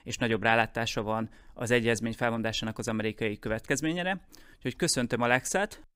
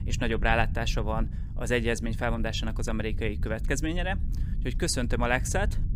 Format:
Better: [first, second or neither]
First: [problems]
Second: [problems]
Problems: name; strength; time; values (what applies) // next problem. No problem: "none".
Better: first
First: none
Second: low rumble; noticeable; throughout; 20 dB below the speech